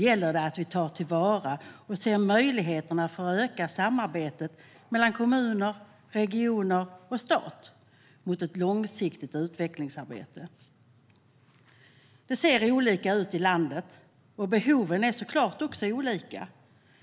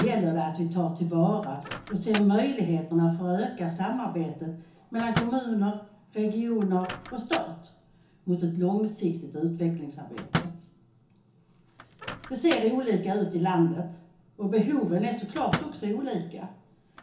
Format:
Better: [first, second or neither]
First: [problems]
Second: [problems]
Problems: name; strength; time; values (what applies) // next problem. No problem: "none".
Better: first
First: none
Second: background sound (Microwave oven); 12 dB below the speech // room echo; dies away in 0.7 s